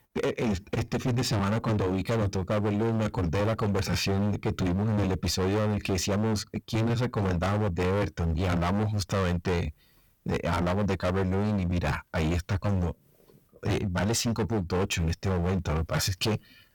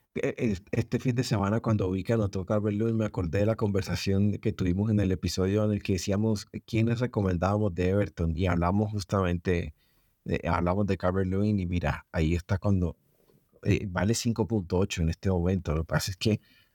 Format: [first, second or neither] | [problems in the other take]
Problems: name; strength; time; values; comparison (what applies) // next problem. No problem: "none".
second | distortion; heavy; 28% of the sound clipped